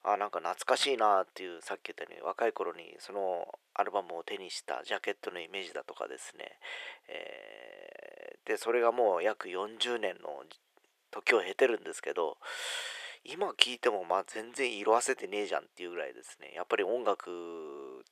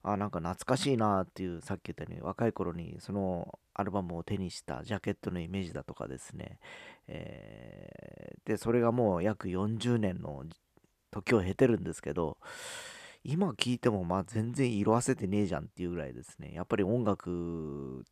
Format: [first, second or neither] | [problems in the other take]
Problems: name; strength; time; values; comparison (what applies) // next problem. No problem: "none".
second | thin; very; fading below 400 Hz